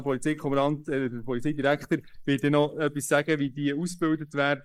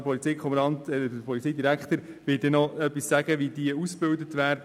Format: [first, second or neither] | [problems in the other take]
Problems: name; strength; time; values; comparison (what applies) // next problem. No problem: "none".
second | noise reduction (neural mask model Resemble Enhance denoiser)